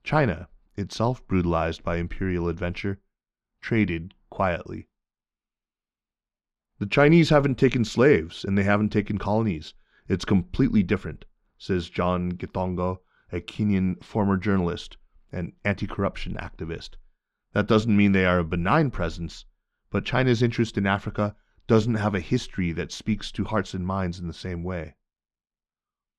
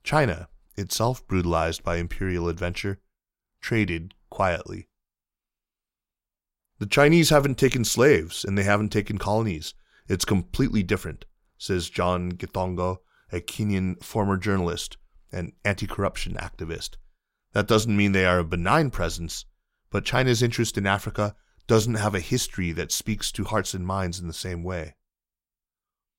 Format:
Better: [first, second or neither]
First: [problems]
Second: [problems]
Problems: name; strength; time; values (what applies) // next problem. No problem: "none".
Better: second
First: muffled; slightly; fading above 3.5 kHz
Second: none